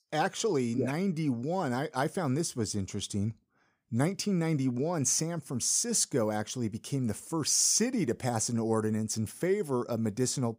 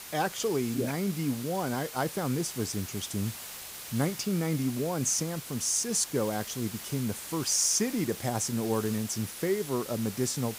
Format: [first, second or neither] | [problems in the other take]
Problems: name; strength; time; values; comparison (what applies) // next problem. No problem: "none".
first | hiss; noticeable; throughout; 10 dB below the speech